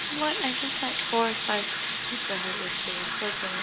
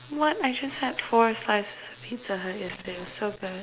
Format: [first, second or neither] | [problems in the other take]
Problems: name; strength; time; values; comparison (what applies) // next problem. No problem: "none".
second | background sound (Sink (filling or washing) / Water tap, faucet); 1 dB above the speech